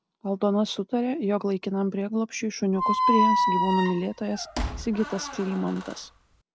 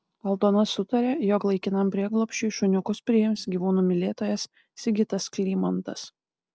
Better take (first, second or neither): second